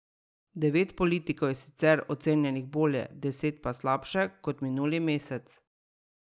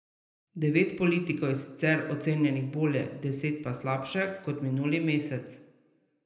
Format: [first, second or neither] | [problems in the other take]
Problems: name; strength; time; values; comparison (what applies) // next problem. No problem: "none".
first | room echo; dies away in 0.7 s